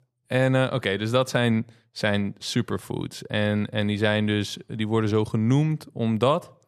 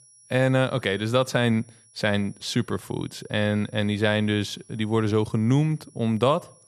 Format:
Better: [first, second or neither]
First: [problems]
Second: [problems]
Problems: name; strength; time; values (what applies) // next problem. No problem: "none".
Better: first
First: none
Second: high-pitched whine; faint; throughout; 10 kHz, 30 dB below the speech